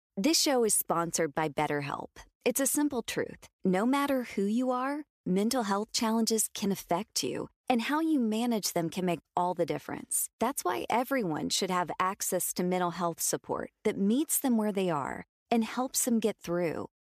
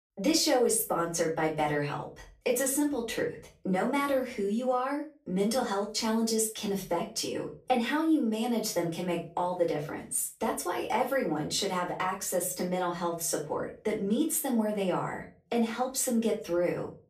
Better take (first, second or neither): first